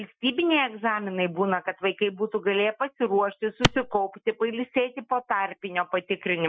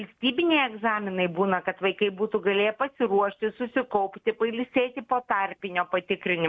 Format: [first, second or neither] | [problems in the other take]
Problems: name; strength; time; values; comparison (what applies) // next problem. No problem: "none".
second | noise reduction (classical method Wiener filter)